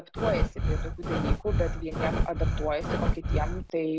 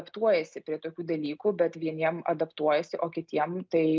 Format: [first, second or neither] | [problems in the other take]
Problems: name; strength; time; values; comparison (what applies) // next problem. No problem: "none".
second | background sound (Breathing); 4 dB above the speech